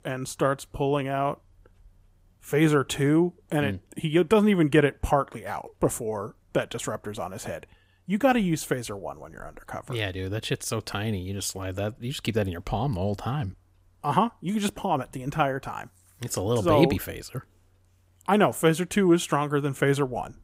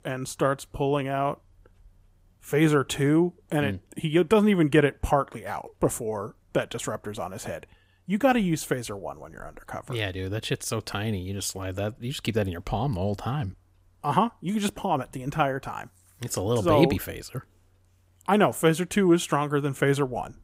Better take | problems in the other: neither | none

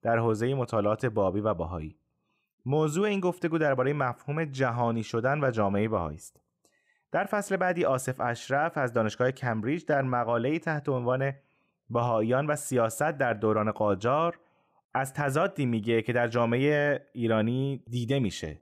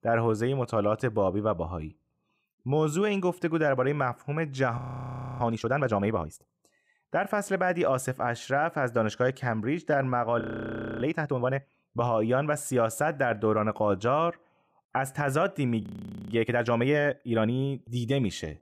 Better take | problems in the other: first | audio freezing; at 5 s for 0.5 s, at 10 s for 0.5 s and at 16 s

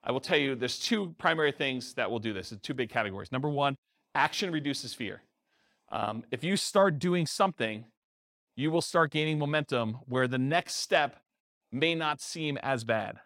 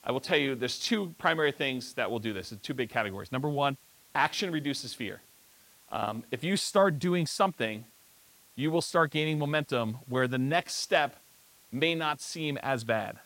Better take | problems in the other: first | hiss; faint; throughout; 25 dB below the speech

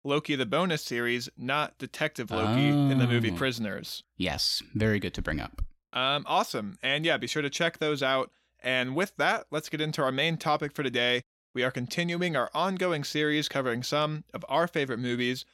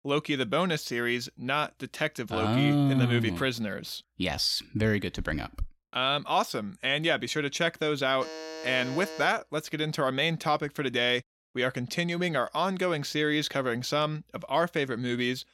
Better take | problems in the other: first | alarm; faint; from 8 to 9.5 s; peak 10 dB below the speech

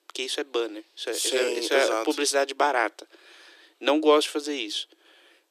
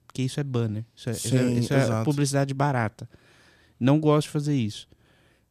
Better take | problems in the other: second | thin; very; fading below 300 Hz

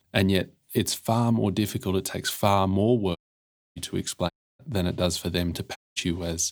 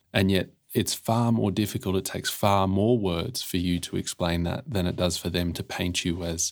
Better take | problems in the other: second | audio cutting out; at 3 s for 0.5 s, at 4.5 s and at 6 s

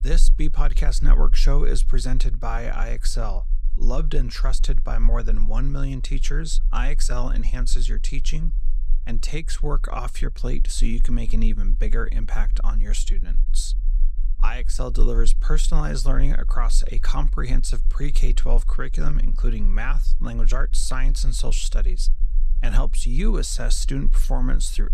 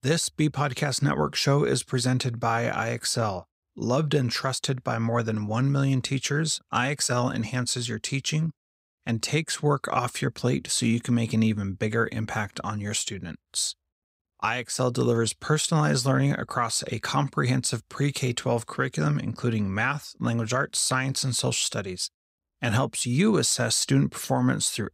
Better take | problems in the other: second | low rumble; faint; throughout; 20 dB below the speech

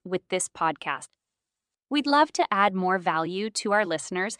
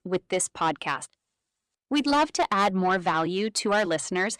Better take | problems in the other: first | distortion; slight; 10 dB below the speech

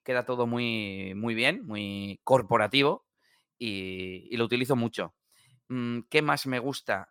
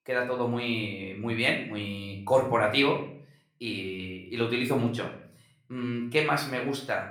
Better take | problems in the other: first | room echo; slight; dies away in 0.5 s // off-mic speech; somewhat distant

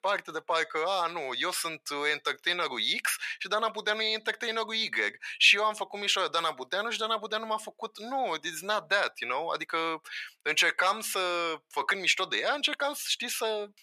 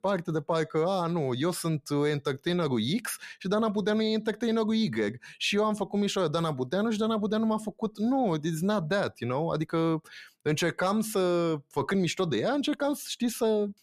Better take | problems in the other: second | thin; very; fading below 750 Hz

